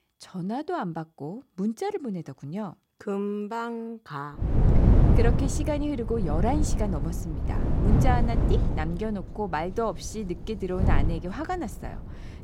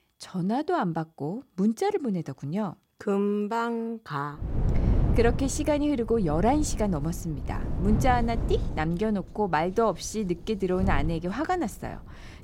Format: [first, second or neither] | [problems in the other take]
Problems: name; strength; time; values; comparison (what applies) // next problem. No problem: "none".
second | wind noise on the microphone; heavy; from 4.5 s on; 3 dB below the speech; occasional gusts in the second